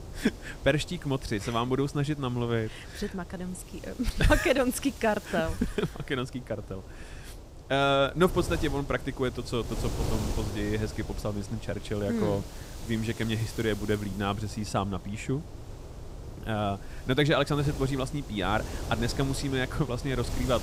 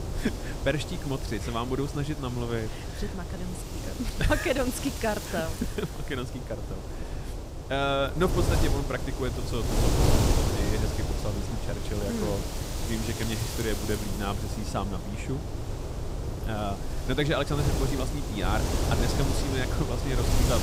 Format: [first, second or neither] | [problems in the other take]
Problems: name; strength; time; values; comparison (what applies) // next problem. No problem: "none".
first | wind noise on the microphone; heavy; 3 dB below the speech; occasional gusts in the first